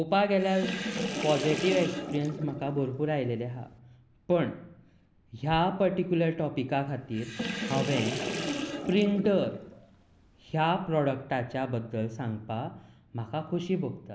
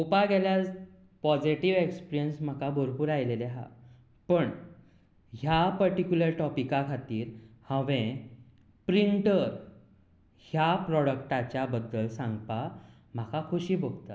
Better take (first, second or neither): second